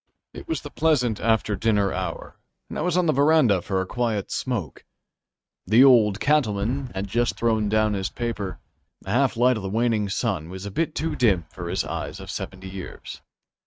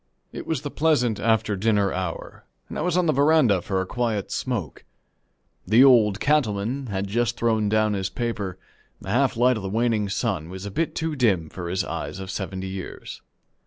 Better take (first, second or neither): second